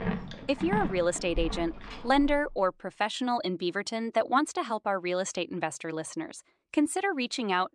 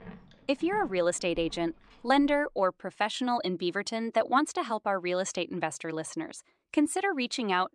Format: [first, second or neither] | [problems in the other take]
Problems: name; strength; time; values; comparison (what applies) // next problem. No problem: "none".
second | animal sounds; loud; until 2.5 s; 9 dB below the speech; faint in the second